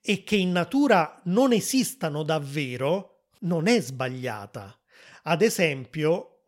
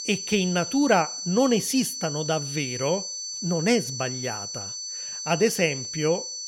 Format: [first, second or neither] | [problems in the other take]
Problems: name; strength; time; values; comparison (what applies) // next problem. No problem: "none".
first | high-pitched whine; loud; throughout; 6 kHz, 6 dB below the speech